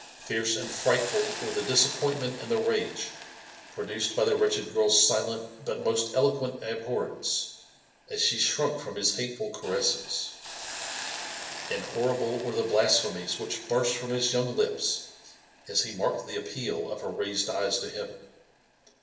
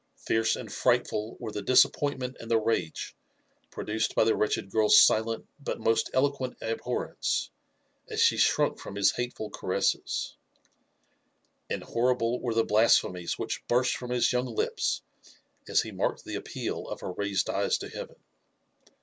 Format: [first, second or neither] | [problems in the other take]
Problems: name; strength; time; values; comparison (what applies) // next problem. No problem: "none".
second | background sound (Hiss); 14 dB below the speech // room echo; dies away in 0.9 s